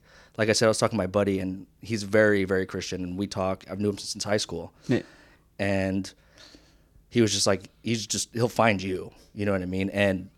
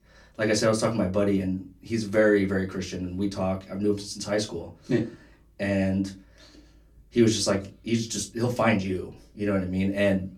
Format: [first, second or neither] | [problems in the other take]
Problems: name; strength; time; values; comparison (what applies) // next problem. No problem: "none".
first | off-mic speech; far // room echo; very slight; dies away in 0.2 s